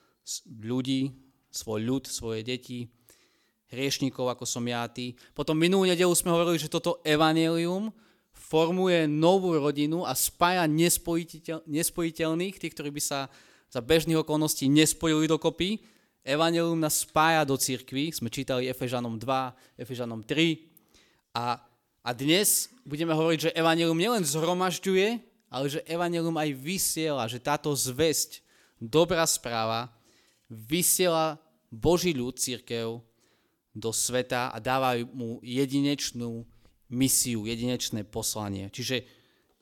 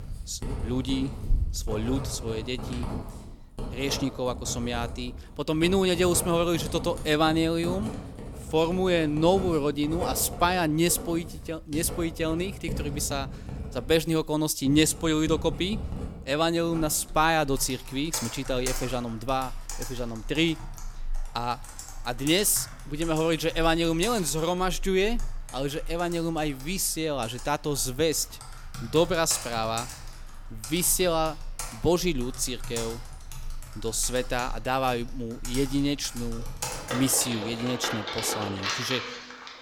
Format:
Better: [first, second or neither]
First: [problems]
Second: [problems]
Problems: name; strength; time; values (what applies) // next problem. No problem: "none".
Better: first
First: none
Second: household noises; noticeable; throughout; 10 dB below the speech